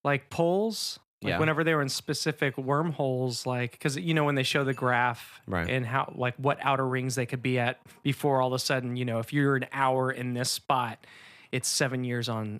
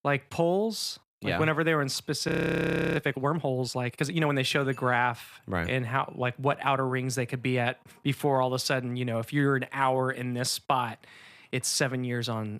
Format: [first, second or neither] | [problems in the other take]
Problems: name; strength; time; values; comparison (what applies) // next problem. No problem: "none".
first | audio freezing; at 2.5 s for 0.5 s